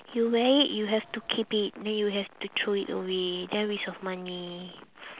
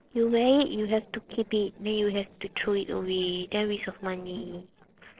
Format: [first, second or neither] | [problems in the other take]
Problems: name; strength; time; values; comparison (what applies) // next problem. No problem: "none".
first | noise reduction (neural separator model SepFormer DNS4)